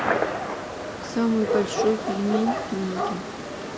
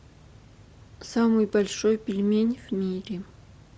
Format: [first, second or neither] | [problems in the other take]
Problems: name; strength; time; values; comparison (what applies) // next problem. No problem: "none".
second | background sound (Gunshot, gunfire); 1 dB below the speech